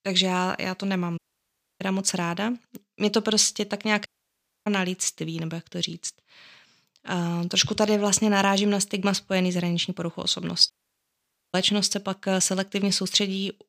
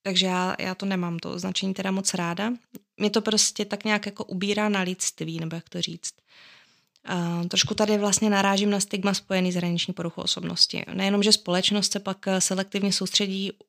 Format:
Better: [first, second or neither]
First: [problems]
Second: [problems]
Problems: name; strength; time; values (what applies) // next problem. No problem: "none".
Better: second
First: audio cutting out; at 1 s for 0.5 s, at 4 s for 0.5 s and at 11 s for 1 s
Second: none